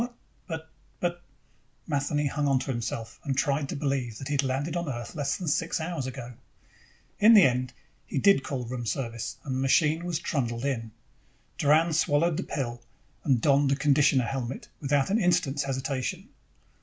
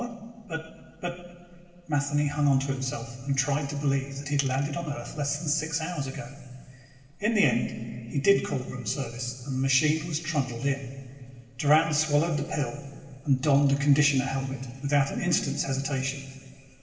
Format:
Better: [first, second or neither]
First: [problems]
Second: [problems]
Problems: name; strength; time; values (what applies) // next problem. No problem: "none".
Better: first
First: none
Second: room echo; dies away in 2.7 s